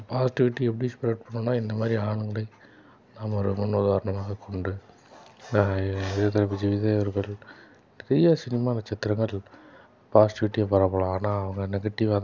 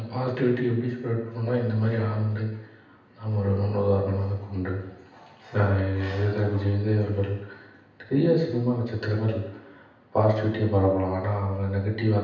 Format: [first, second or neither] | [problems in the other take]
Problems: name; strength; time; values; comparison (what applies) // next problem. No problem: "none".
first | room echo; dies away in 0.9 s